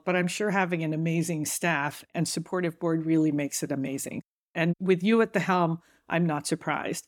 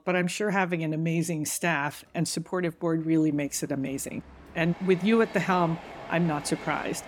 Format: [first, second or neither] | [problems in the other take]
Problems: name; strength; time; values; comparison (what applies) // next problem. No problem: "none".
first | train or aircraft noise; noticeable; throughout; 15 dB below the speech